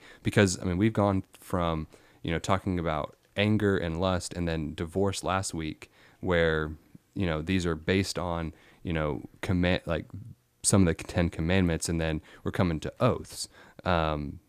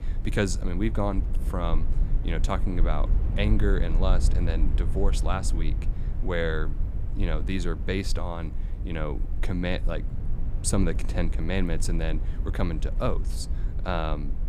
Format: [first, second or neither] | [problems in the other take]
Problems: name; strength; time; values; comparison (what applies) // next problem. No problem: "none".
first | low rumble; noticeable; throughout; 15 dB below the speech